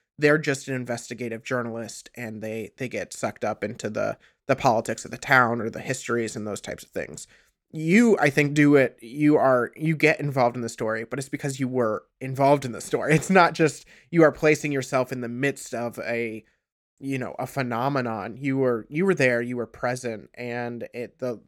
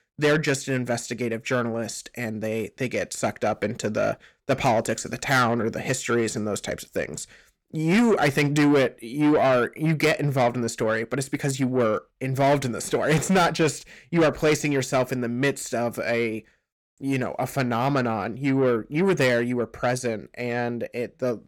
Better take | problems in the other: first | distortion; heavy; 8 dB below the speech

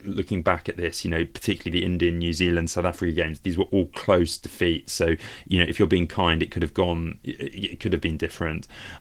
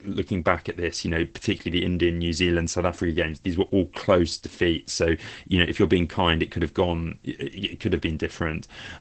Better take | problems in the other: first | garbled, watery; badly; nothing above 8 kHz; slightly in the first

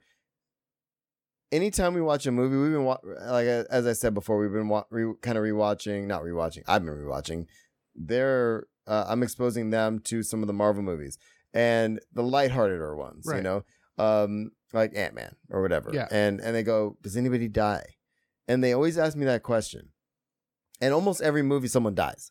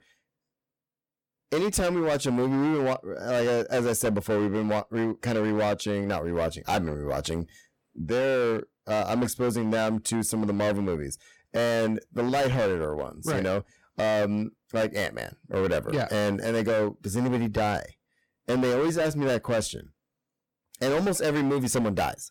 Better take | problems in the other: first | distortion; heavy; 18% of the sound clipped

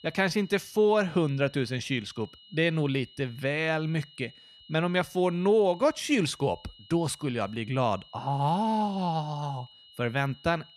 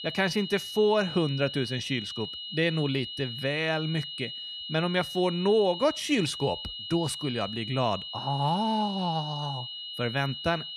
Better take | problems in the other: first | high-pitched whine; loud; throughout; 3 kHz, 7 dB below the speech; faint in the first

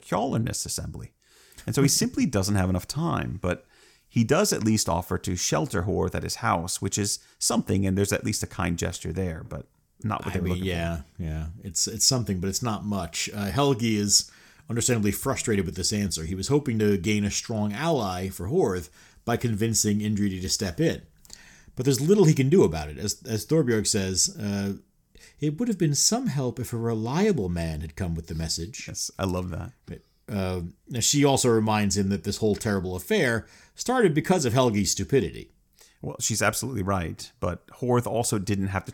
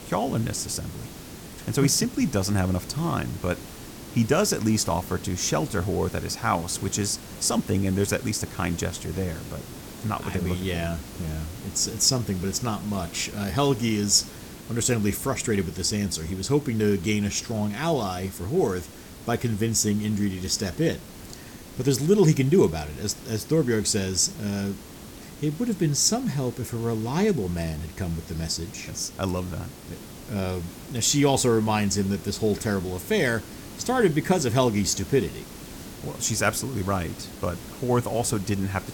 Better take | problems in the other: first | hiss; noticeable; throughout; 15 dB below the speech

